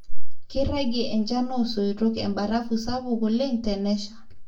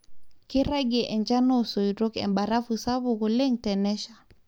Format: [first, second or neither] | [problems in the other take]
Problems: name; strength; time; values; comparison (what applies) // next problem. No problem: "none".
second | room echo; dies away in 0.2 s